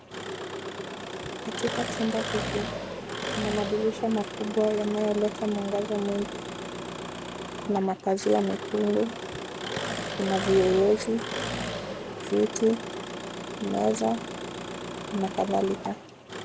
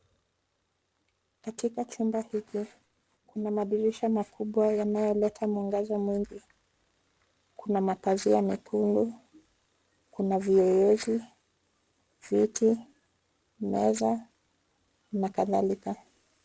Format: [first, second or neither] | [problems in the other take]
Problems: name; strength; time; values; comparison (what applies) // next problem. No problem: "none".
second | background sound (Engine); 6 dB below the speech